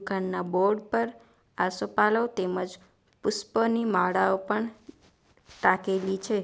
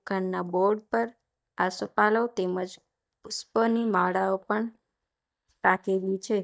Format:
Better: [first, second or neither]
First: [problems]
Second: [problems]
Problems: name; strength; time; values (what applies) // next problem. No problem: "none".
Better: first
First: none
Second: noise reduction (neural mask model DeepFilterNet 3)